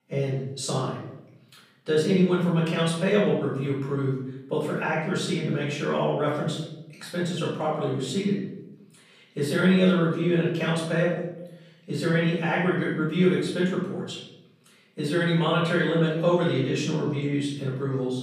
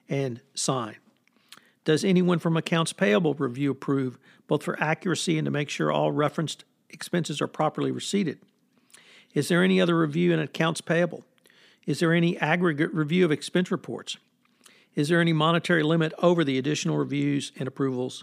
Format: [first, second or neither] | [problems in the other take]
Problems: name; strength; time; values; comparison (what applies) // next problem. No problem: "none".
second | off-mic speech; far // room echo; noticeable; dies away in 0.8 s